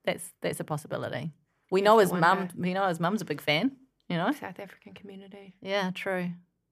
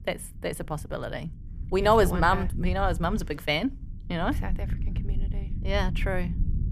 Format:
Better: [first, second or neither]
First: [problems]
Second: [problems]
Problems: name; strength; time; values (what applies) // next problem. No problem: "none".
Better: first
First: none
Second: low rumble; faint; throughout; 20 dB below the speech